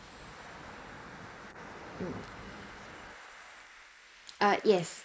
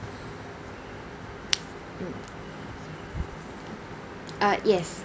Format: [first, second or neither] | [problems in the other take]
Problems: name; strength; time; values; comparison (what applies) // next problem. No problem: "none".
second | noise reduction (neural mask model Resemble Enhance denoiser)